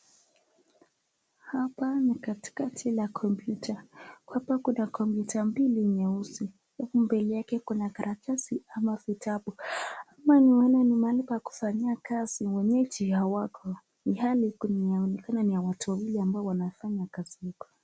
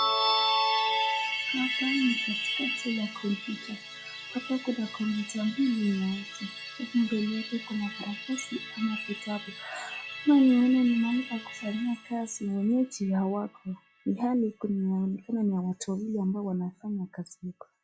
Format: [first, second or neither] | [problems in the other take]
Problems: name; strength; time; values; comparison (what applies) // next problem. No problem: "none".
first | noise reduction (classical method log-MMSE)